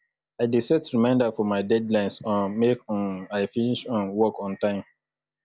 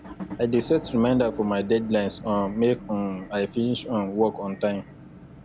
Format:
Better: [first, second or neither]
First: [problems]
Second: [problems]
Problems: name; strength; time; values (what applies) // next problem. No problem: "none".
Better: first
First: none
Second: background sound (Motor vehicle (road) / Engine); 15 dB below the speech